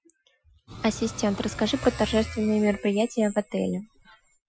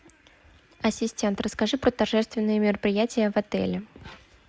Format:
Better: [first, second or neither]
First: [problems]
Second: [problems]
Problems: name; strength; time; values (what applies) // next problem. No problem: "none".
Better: second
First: noise reduction (classical method Wiener filter)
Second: none